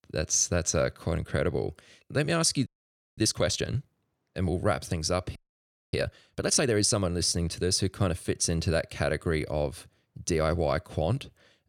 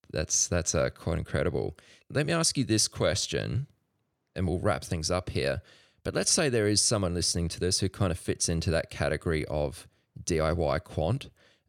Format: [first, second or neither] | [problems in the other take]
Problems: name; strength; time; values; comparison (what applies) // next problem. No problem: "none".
second | audio freezing; at 2.5 s for 0.5 s and at 5.5 s for 0.5 s